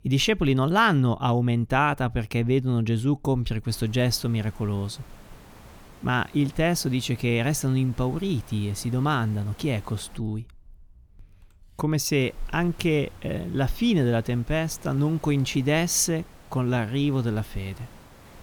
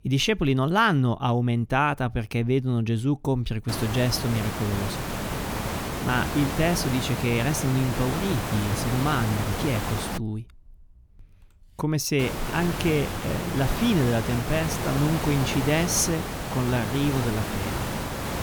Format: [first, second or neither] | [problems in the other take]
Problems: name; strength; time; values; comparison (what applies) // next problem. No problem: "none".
first | hiss; loud; from 3.5 to 10 s and from 12 s on; 5 dB below the speech; faint in the first